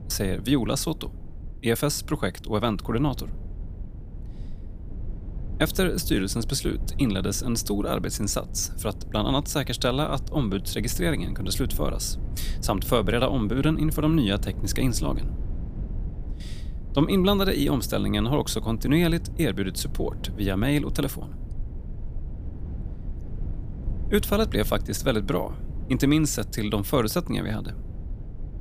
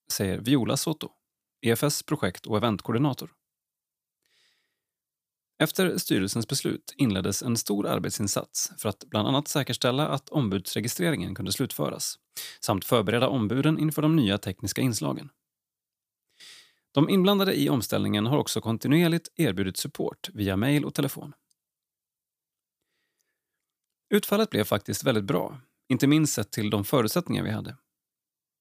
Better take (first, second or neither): second